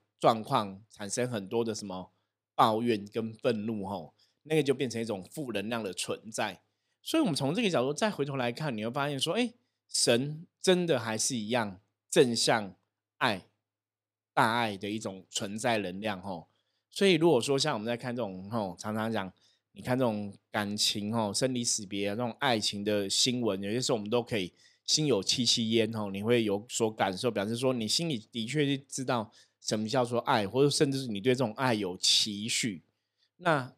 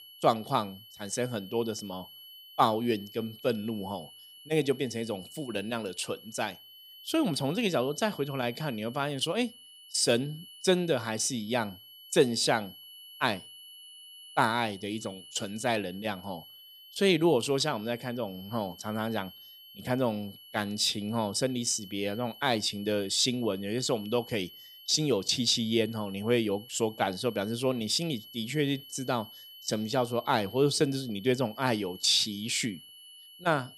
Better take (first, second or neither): first